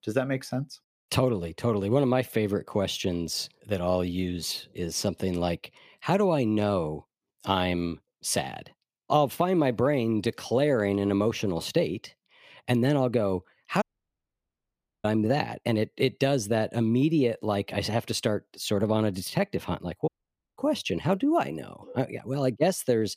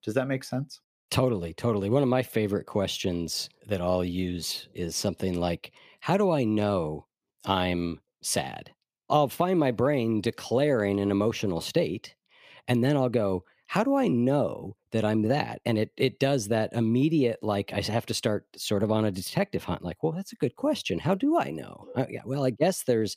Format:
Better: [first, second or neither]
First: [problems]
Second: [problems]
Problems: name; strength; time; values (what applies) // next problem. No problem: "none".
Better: second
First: audio cutting out; at 14 s for 1 s and at 20 s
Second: none